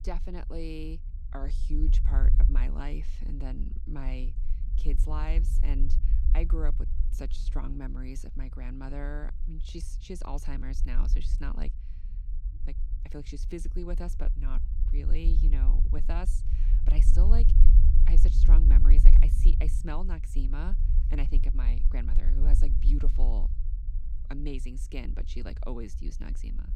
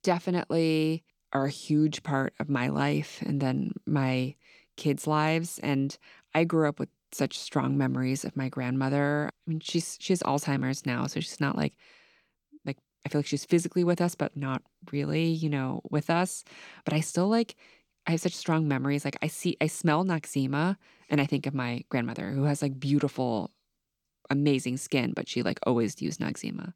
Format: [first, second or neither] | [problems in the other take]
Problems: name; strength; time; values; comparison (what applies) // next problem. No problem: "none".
second | low rumble; loud; throughout; 7 dB below the speech